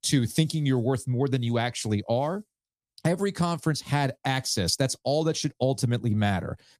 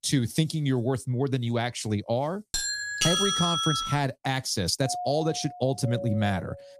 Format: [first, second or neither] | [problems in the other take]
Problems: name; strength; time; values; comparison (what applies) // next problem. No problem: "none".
first | doorbell; loud; from 2.5 to 4 s; peak 5 dB above the speech // doorbell; noticeable; from 5 s on; peak 6 dB below the speech